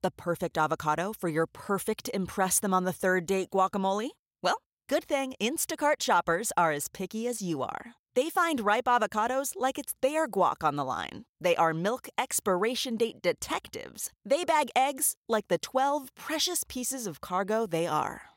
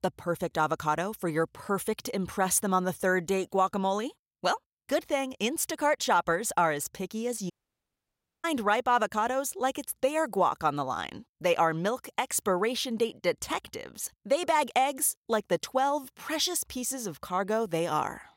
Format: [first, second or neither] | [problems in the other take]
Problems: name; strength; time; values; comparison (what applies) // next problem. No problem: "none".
first | audio cutting out; at 7.5 s for 1 s